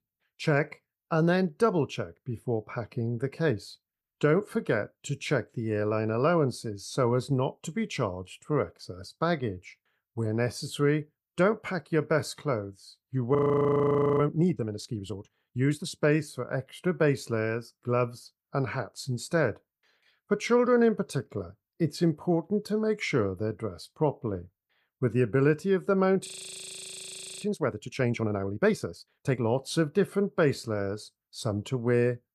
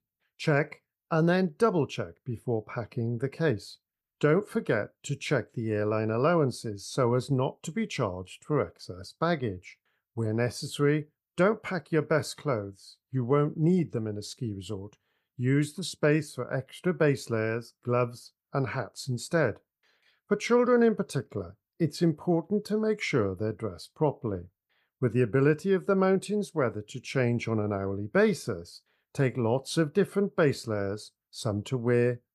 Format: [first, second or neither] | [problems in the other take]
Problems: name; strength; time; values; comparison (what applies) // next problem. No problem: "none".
second | audio freezing; at 13 s for 1 s and at 26 s for 1 s